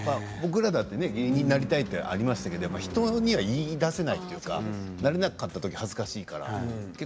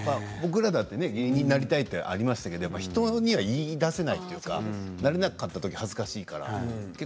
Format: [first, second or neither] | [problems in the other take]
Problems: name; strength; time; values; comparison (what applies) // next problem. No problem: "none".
second | background sound (Car passing by / Engine / Truck); 15 dB below the speech